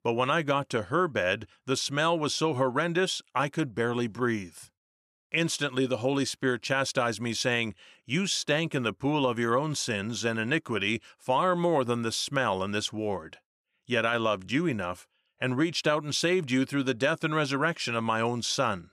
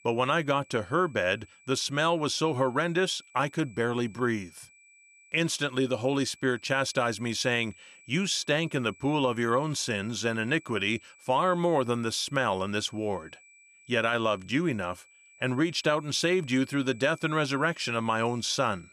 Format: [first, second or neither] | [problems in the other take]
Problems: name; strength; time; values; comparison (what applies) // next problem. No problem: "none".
first | high-pitched whine; faint; throughout; 2.5 kHz, 25 dB below the speech